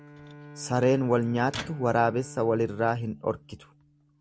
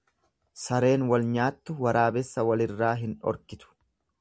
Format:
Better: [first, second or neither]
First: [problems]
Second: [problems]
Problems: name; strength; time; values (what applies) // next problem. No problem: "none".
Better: second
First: background sound (Microwave oven + Bowed string instrument); 17 dB below the speech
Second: none